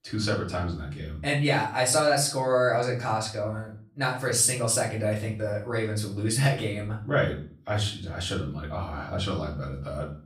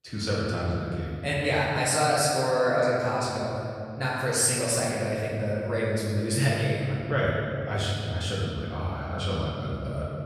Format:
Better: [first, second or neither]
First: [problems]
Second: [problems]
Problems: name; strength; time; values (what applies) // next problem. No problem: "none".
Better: first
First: room echo; slight; dies away in 0.4 s // off-mic speech; far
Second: room echo; strong; dies away in 2.3 s // off-mic speech; far